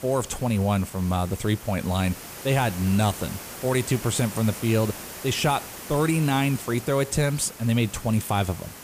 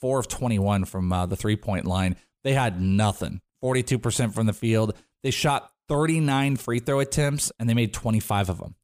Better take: second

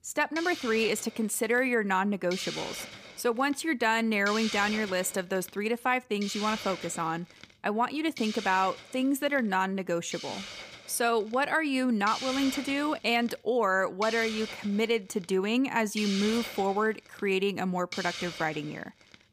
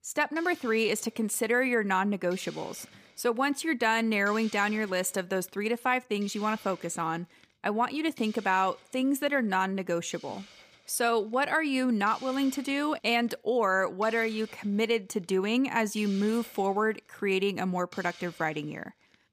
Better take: second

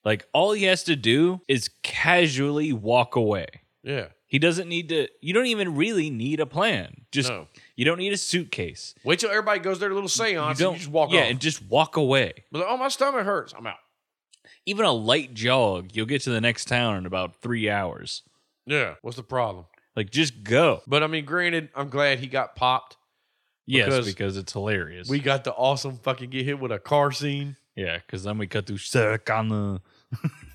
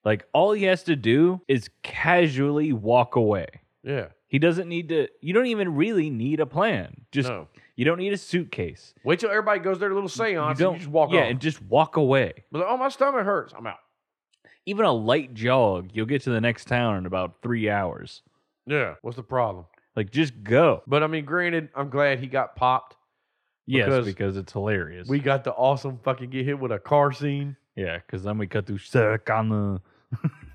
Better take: first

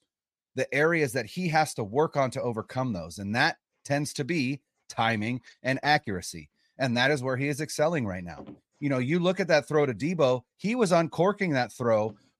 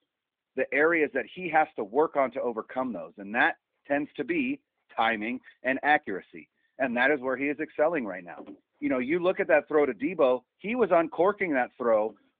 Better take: first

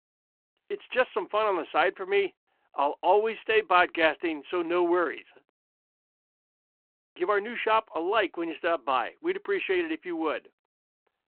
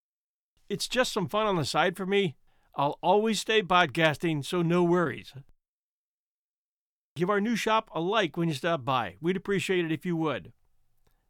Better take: second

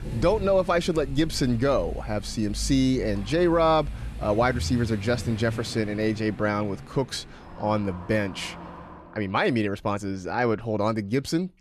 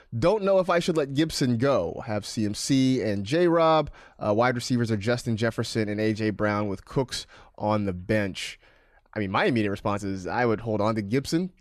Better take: second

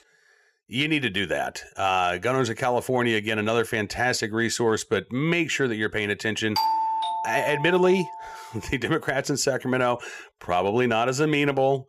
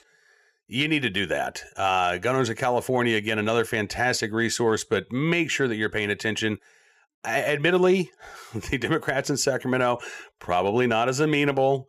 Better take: second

